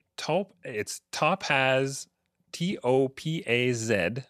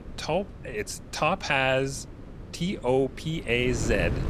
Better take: first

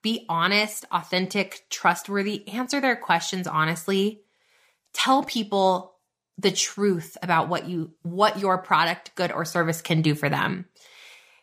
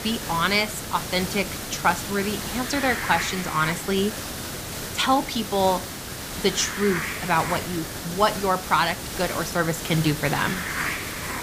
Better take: first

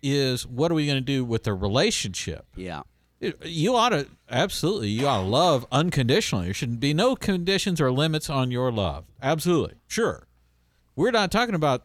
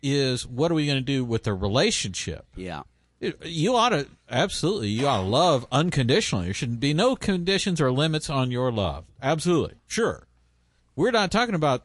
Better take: first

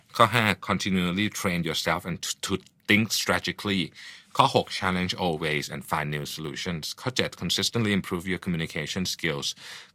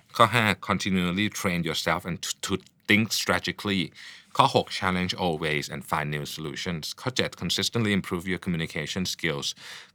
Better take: second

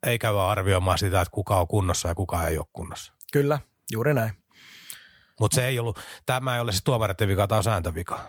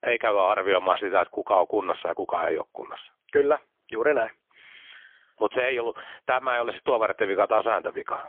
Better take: first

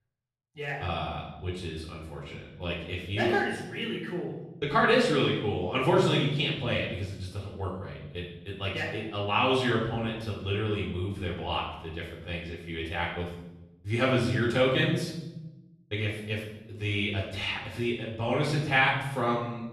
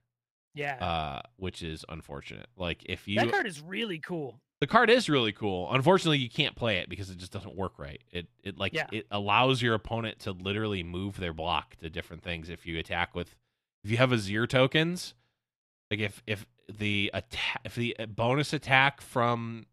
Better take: second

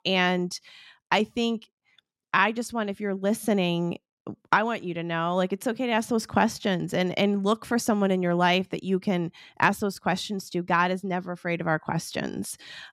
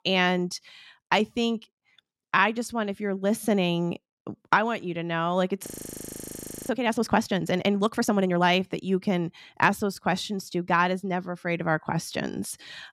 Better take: first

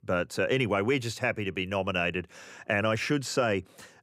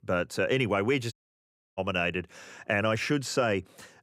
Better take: first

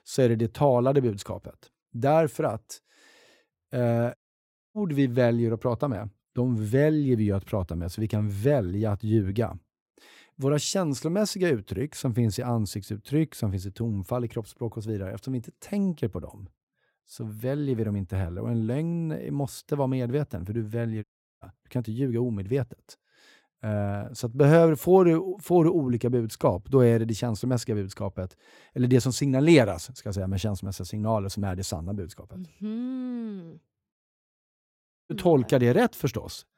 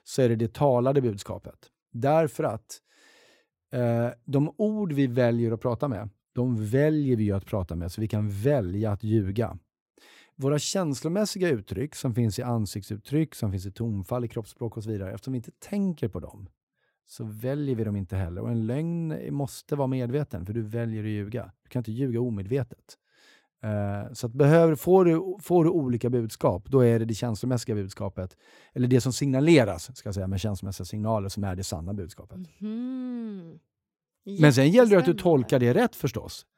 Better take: second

